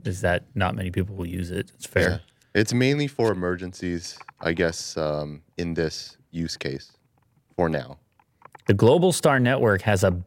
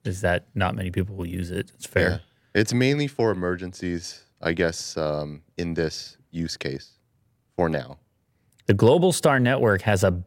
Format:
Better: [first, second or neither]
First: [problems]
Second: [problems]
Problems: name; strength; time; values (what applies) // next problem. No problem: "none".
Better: second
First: household noises; faint; throughout; 25 dB below the speech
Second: none